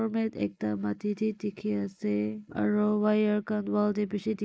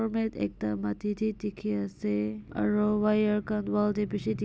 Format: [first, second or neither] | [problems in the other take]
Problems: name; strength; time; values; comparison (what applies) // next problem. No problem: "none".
second | noise reduction (neural mask model Resemble Enhance denoiser)